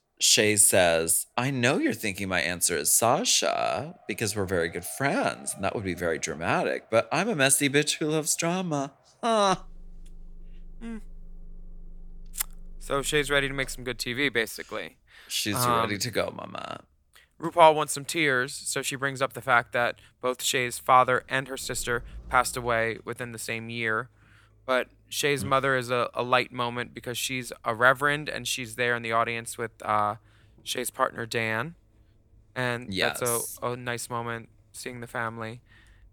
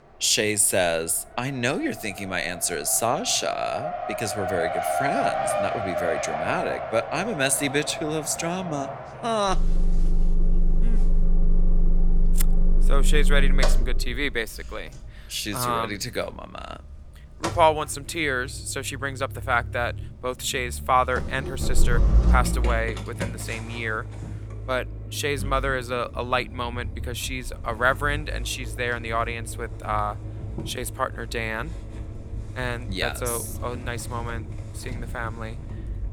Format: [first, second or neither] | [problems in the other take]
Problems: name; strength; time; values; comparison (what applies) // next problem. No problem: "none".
first | traffic noise; loud; throughout; 3 dB below the speech; faint in the first